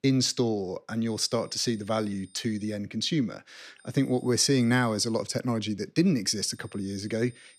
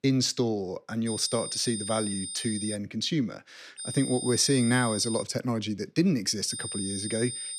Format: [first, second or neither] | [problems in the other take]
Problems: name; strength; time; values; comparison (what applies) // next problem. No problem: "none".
first | high-pitched whine; loud; from 1 to 3 s, from 4 to 5 s and from 6.5 s on; 9 kHz, 6 dB below the speech; faint in the first